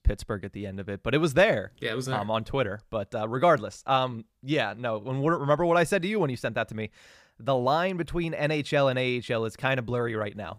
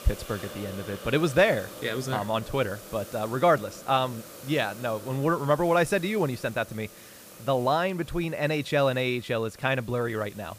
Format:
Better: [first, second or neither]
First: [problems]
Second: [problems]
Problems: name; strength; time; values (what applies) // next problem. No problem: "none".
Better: first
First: none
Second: hiss; noticeable; throughout; 15 dB below the speech